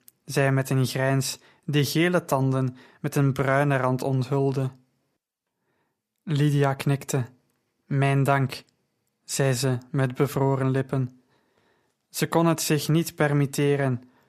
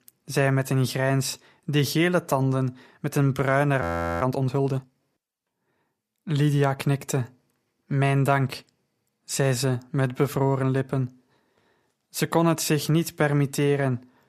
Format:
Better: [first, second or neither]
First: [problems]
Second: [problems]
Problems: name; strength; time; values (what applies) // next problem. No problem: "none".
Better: first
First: none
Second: audio freezing; at 4 s